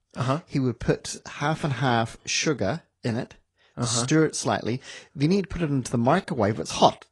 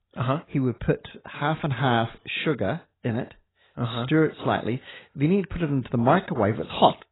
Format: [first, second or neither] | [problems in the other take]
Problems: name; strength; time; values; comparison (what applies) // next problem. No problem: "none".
first | garbled, watery; badly; nothing above 4 kHz; slightly in the first